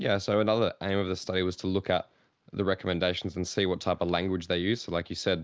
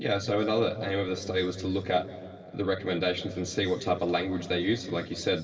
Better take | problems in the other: first | room echo; dies away in 2.4 s

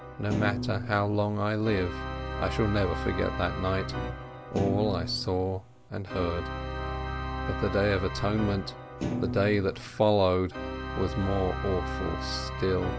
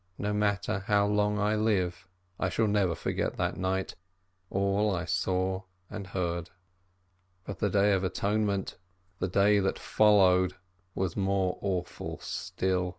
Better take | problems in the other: second | background sound (Thump, thud + Organ); 5 dB below the speech

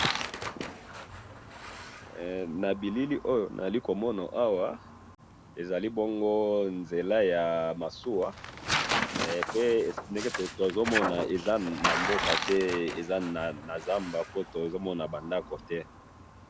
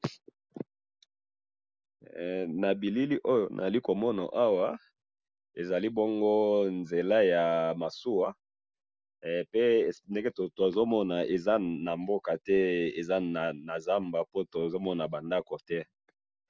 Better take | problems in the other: second | background sound (Tearing); 6 dB below the speech

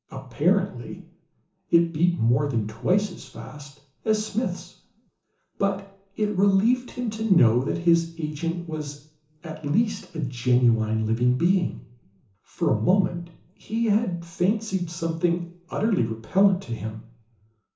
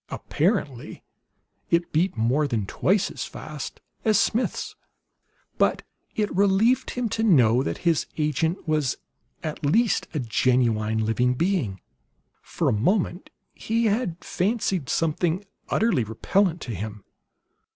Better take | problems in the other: second | room echo; dies away in 0.7 s

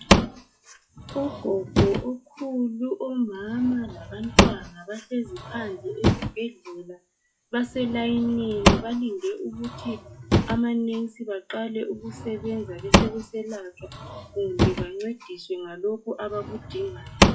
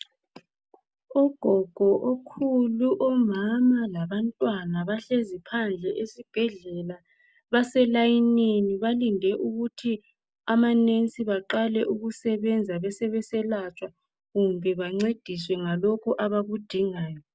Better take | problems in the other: second | noise reduction (classical method WPE with log-MMSE)

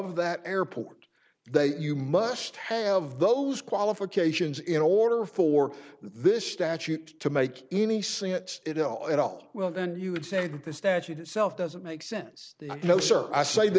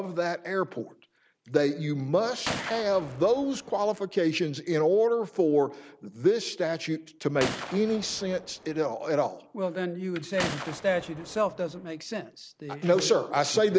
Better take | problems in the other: first | background sound (Gunshot, gunfire); 12 dB below the speech

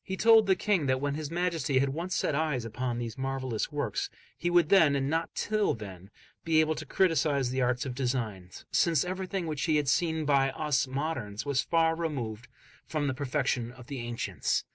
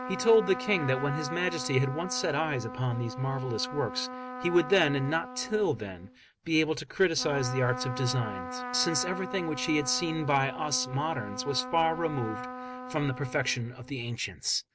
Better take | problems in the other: first | background sound (Trumpet); 10 dB below the speech

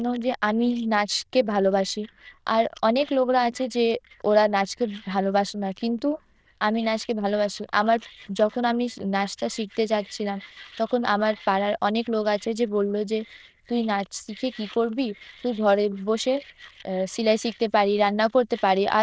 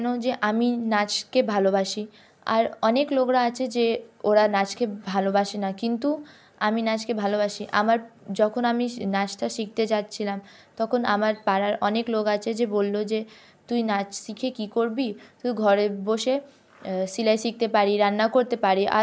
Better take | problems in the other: second | noise reduction (neural diffusion model UNIVERSE++)

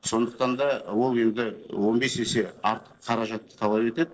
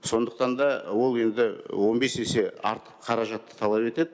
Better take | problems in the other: second | noise reduction (neural separator model SepFormer DNS4)

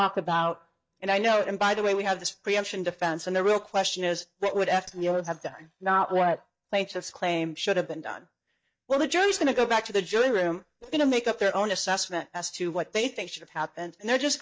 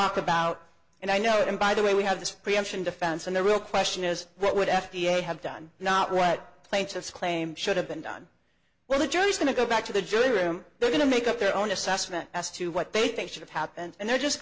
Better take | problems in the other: second | noise reduction (neural mask model DeepFilterNet 3)

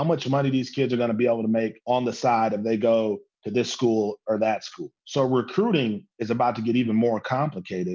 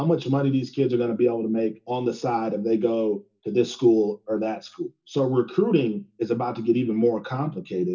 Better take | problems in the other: first | room echo; dies away in 0.2 s

